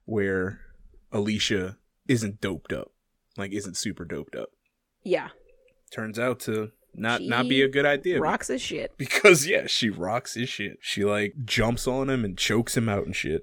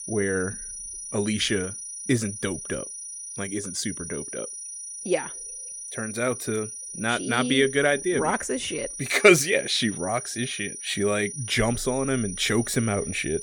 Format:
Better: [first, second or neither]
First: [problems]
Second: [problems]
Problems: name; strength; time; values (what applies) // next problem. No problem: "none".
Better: first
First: none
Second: high-pitched whine; loud; throughout; 9.5 kHz, 9 dB below the speech